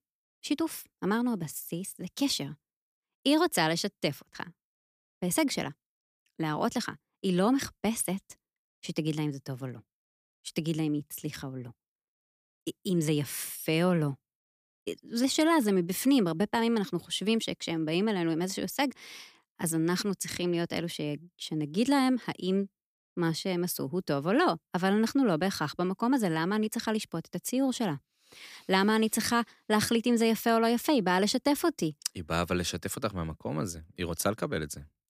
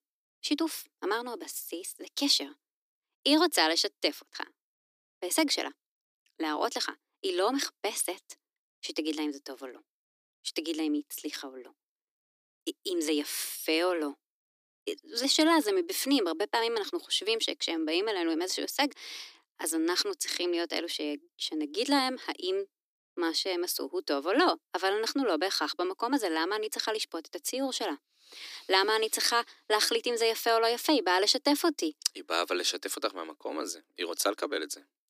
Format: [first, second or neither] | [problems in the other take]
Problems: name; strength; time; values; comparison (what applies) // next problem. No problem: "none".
first | thin; somewhat; fading below 300 Hz